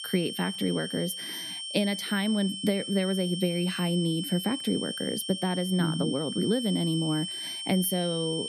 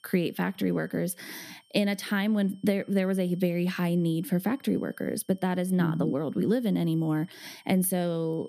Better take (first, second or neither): second